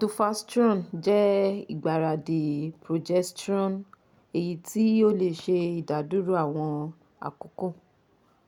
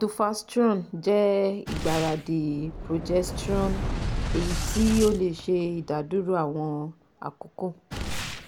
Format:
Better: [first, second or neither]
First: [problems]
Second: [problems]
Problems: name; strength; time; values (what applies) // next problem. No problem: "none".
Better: first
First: none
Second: background sound (Boom); 6 dB below the speech